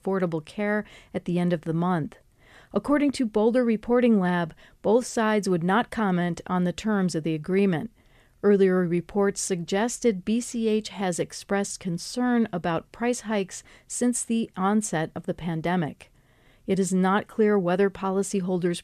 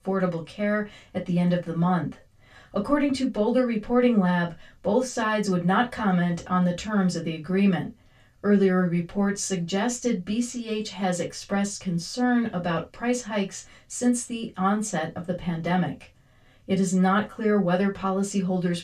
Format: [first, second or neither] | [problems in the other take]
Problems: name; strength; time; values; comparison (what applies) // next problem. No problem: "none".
first | room echo; very slight; dies away in 0.2 s // off-mic speech; far